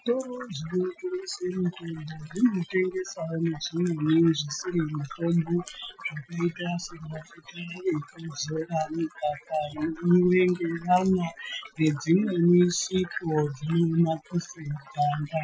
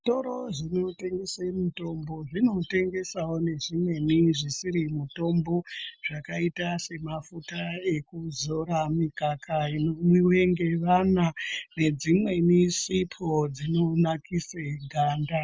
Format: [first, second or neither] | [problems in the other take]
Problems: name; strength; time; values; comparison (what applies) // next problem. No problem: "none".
second | noise reduction (classical method Wiener filter)